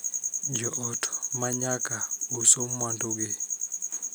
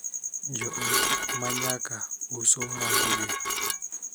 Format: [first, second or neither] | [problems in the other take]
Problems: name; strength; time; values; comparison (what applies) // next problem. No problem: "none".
first | background sound (Dishes, pots, and pans / Glass); 3 dB above the speech